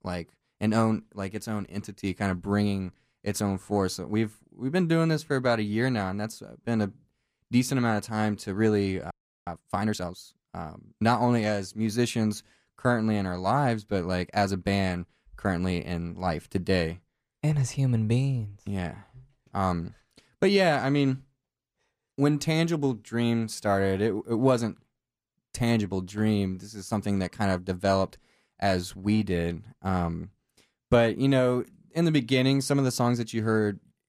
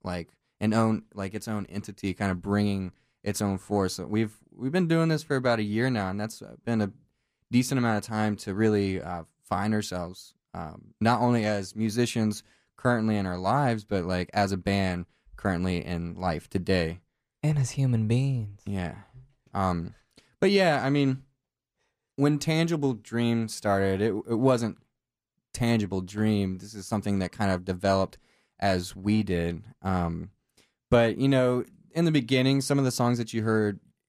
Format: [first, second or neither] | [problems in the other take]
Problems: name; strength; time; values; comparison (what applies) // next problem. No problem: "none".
second | audio freezing; at 9 s